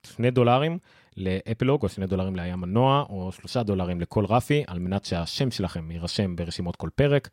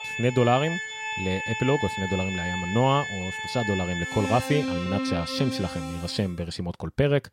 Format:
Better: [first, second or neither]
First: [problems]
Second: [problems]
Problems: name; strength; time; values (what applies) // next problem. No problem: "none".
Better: first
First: none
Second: background music; loud; until 6 s; 4 dB below the speech